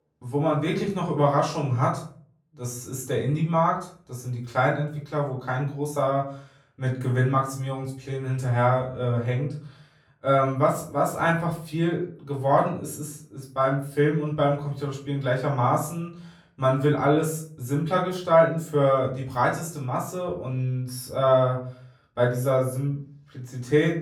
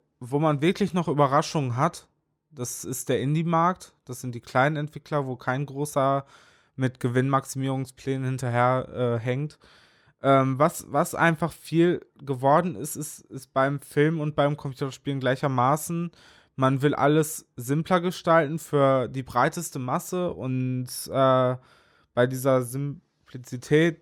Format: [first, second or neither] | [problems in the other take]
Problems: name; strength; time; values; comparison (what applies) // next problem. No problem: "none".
second | off-mic speech; far // room echo; slight; dies away in 0.4 s